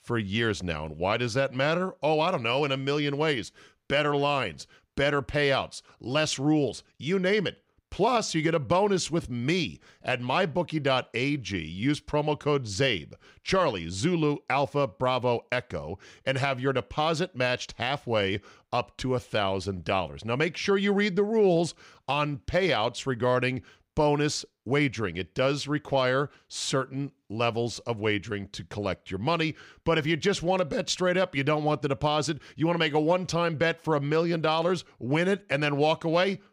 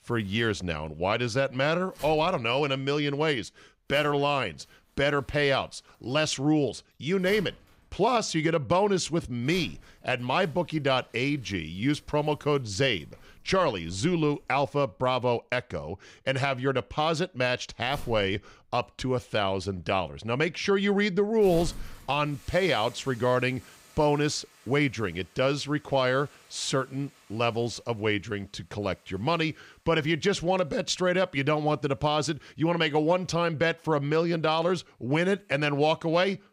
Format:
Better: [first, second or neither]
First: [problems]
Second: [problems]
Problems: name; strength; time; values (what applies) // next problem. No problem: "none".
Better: first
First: none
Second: household noises; faint; throughout; 25 dB below the speech